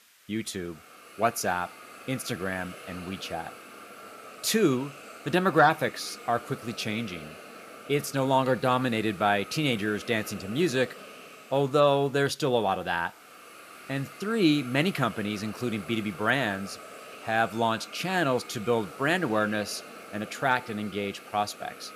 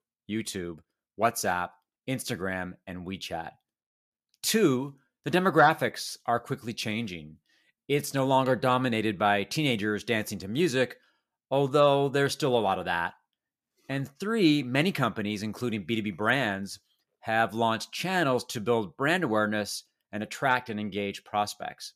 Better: second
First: hiss; noticeable; throughout; 15 dB below the speech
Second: none

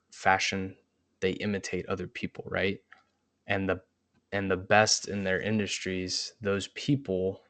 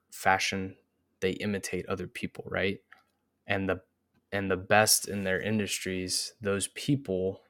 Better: second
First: garbled, watery; slightly; nothing above 7.5 kHz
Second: none

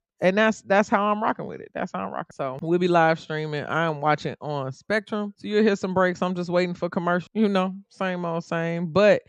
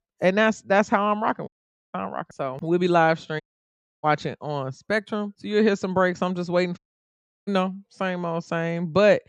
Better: first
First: none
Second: audio cutting out; at 1.5 s, at 3.5 s for 0.5 s and at 7 s for 0.5 s

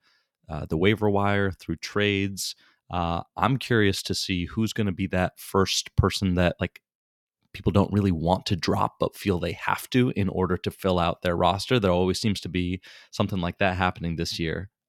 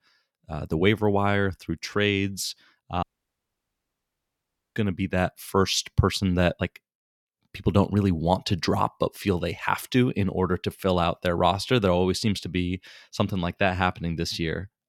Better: first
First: none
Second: audio cutting out; at 3 s for 1.5 s

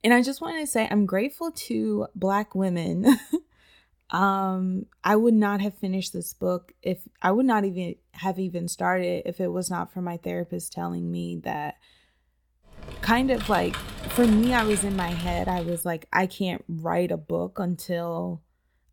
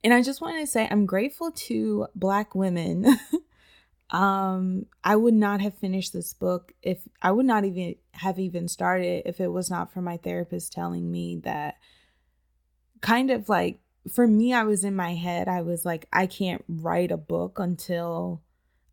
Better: second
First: keyboard typing; noticeable; from 13 to 16 s; peak 6 dB below the speech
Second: none

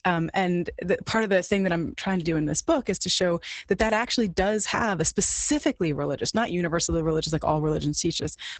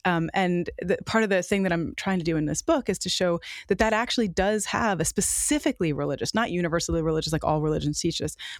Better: second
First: garbled, watery; badly; nothing above 8 kHz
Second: none

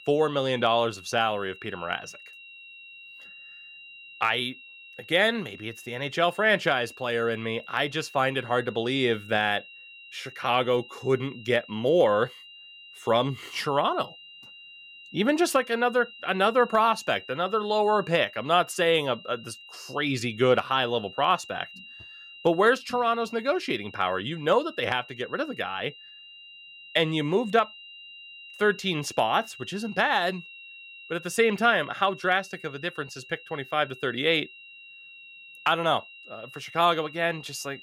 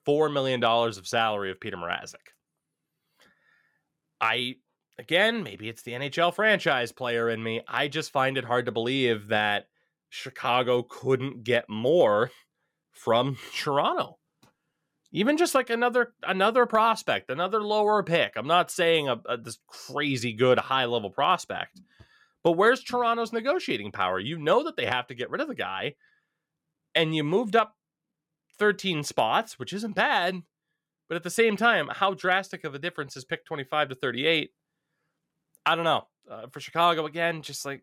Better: second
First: high-pitched whine; noticeable; throughout; 3 kHz, 20 dB below the speech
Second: none

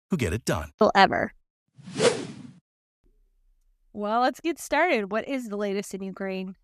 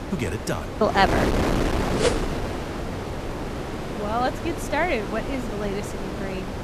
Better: first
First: none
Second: wind noise on the microphone; heavy; 4 dB below the speech

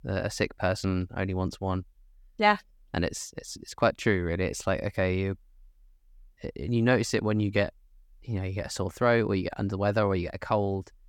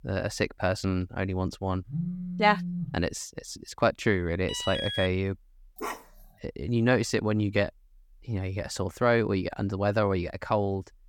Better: first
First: none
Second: phone ringing; noticeable; from 2 to 3 s; peak 5 dB below the speech // alarm; noticeable; at 4.5 s; peak 3 dB below the speech // dog barking; noticeable; at 6 s; peak 9 dB below the speech

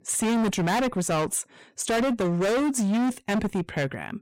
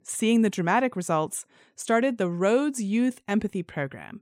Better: second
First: distortion; heavy; 28% of the sound clipped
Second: none

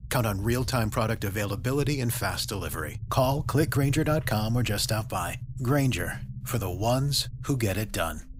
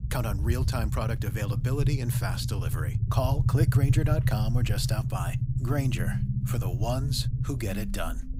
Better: first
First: low rumble; faint; throughout; 20 dB below the speech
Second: low rumble; loud; throughout; 6 dB below the speech

